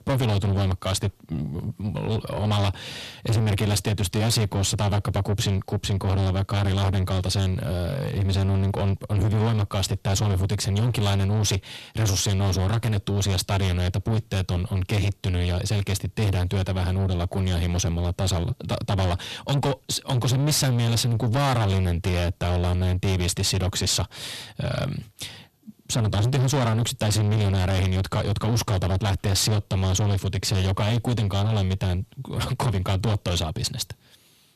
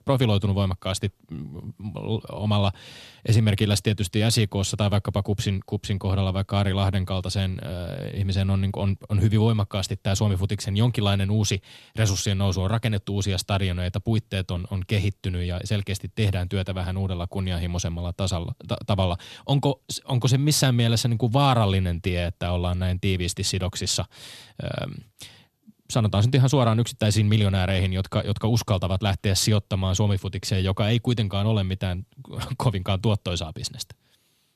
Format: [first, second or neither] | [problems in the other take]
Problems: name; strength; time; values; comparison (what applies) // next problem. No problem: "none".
second | distortion; heavy; 7 dB below the speech